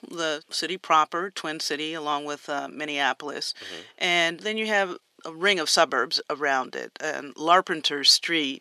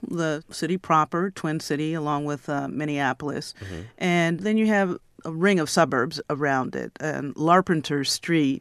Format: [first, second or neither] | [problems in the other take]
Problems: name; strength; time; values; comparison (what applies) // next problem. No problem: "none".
second | thin; somewhat; fading below 450 Hz